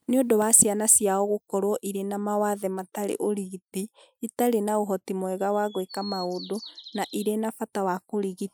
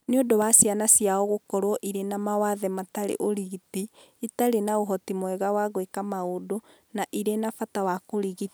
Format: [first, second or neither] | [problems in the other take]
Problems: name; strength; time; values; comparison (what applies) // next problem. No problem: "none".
second | noise reduction (classical method Wiener filter)